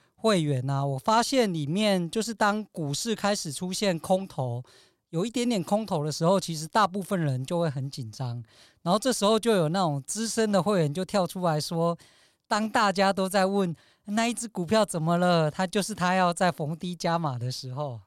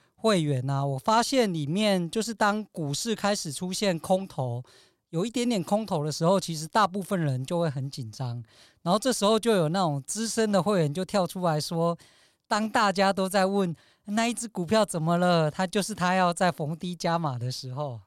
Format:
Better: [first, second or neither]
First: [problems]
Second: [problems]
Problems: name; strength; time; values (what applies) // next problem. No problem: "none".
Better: neither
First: none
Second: none